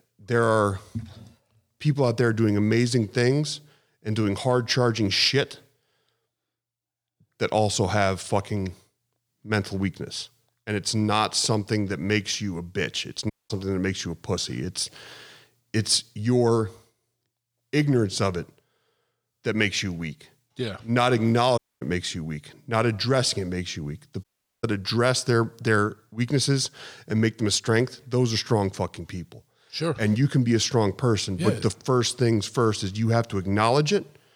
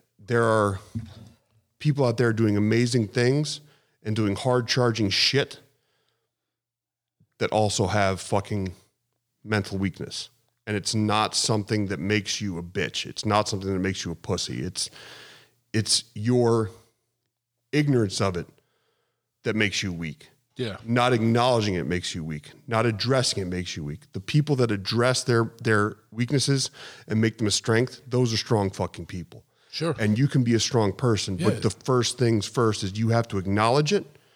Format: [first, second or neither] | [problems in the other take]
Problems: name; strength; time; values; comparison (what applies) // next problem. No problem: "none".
second | audio cutting out; at 13 s, at 22 s and at 24 s